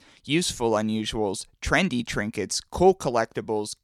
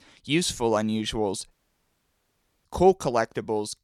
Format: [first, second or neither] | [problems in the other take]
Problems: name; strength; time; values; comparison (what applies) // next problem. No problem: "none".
first | audio cutting out; at 1.5 s for 1 s